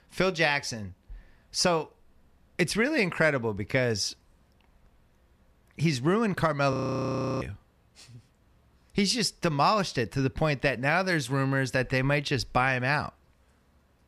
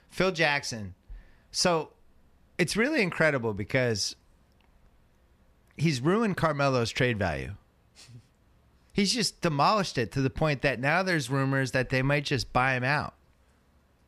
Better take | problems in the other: second | audio freezing; at 6.5 s for 0.5 s

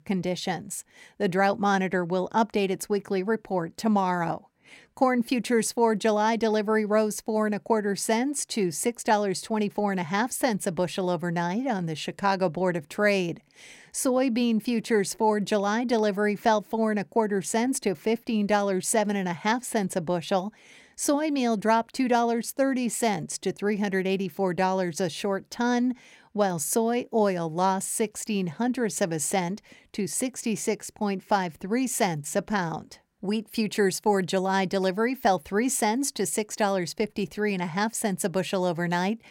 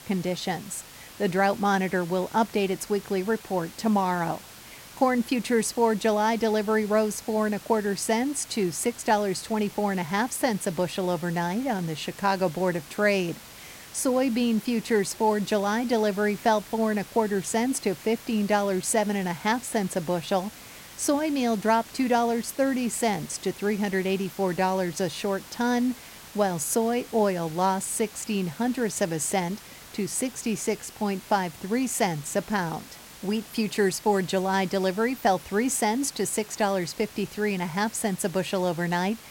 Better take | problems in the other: first | hiss; noticeable; throughout; 15 dB below the speech

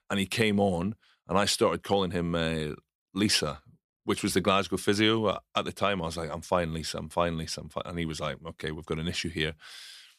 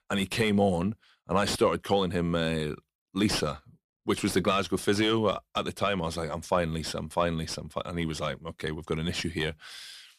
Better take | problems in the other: first | distortion; slight; 10 dB below the speech

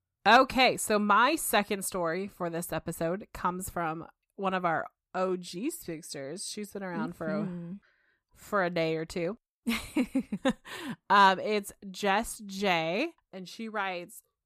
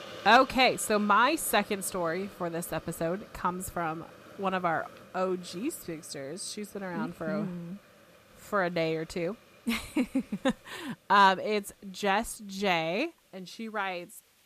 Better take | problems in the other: first | hiss; faint; throughout; 20 dB below the speech

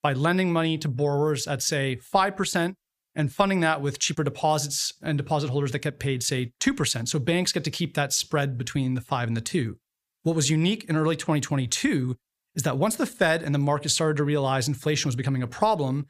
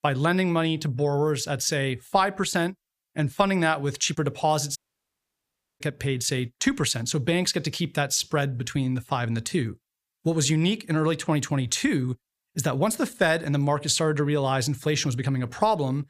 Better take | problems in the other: first | audio cutting out; at 5 s for 1 s

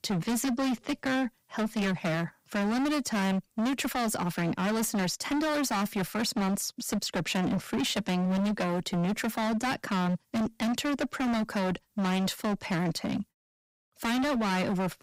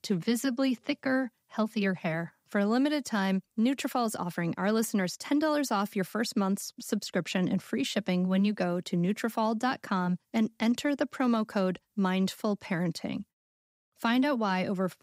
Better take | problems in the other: second | distortion; heavy; 31% of the sound clipped

